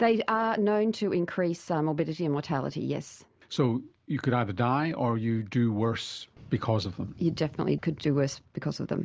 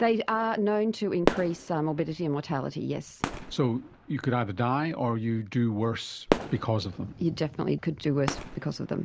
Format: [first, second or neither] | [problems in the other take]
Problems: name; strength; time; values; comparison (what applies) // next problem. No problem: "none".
first | background sound (Fireworks); 8 dB below the speech